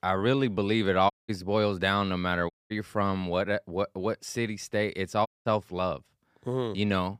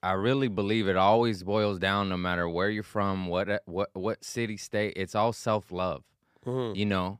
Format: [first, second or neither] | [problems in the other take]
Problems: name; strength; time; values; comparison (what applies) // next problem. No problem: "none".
second | audio cutting out; at 1 s, at 2.5 s and at 5.5 s